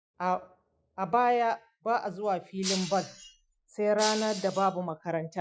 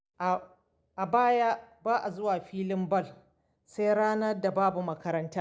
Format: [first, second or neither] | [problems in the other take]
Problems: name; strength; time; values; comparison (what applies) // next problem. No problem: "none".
second | noise reduction (classical method Wiener filter)